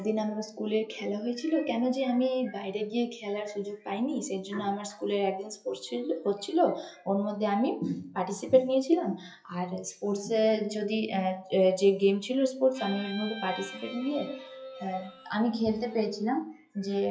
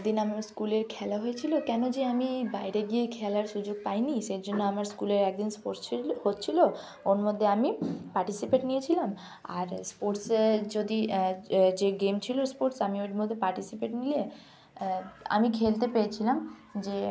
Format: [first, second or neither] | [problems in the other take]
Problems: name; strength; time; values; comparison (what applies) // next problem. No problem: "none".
second | noise reduction (classical method WPE with log-MMSE)